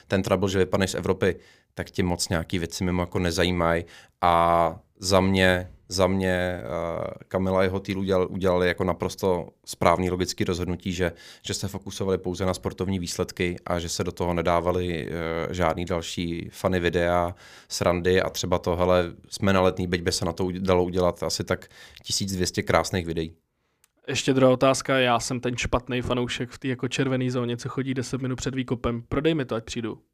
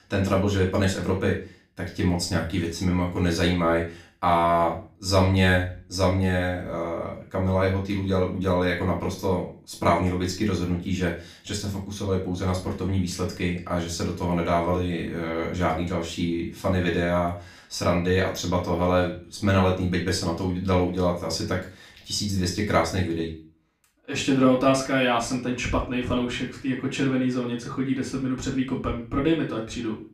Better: first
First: none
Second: off-mic speech; far // room echo; slight; dies away in 0.3 s

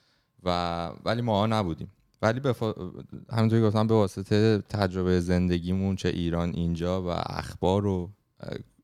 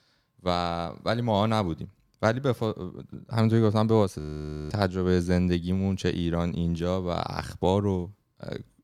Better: first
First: none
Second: audio freezing; at 4 s for 0.5 s

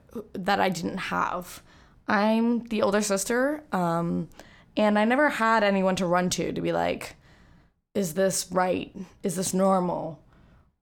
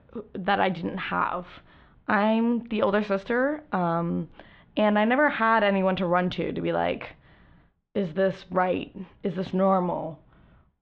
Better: first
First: none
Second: muffled; very; fading above 3.5 kHz

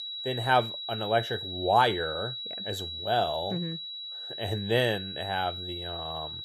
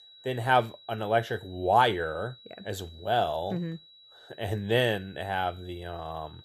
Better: second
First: high-pitched whine; loud; throughout; 4 kHz, 6 dB below the speech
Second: high-pitched whine; faint; throughout; 4 kHz, 20 dB below the speech

